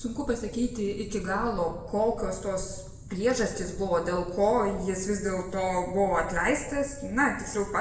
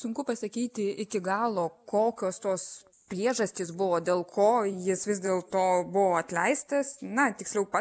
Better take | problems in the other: second | background sound (Boat, Water vehicle); 12 dB below the speech // room echo; dies away in 0.8 s

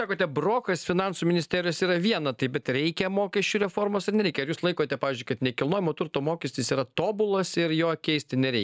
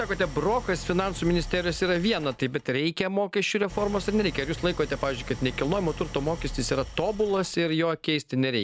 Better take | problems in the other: first | background sound (Idling); 13 dB below the speech

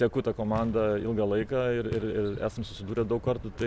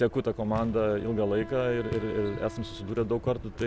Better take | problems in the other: first | background sound (Wind instrument, woodwind instrument); 17 dB below the speech

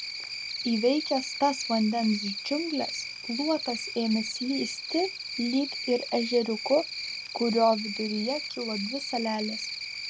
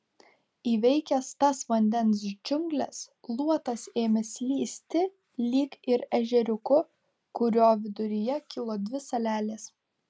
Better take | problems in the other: second | background sound (Cricket); 7 dB below the speech

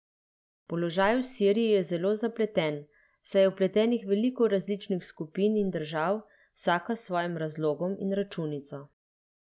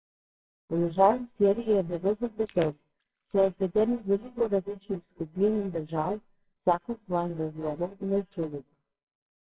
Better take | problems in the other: first | noise reduction (neural separator model SepFormer WHAMR!)

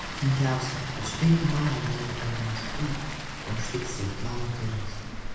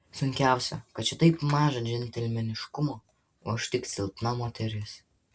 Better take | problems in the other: second | background sound (Water); 5 dB below the speech // room echo; dies away in 1 s

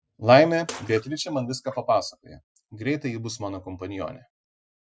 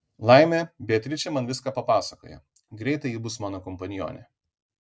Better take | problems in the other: second | noise reduction (classical method Wiener filter)

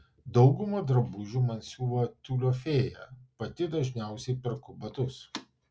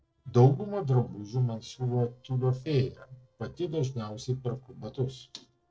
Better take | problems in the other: first | noise reduction (neural separator model SepFormer DNS4)

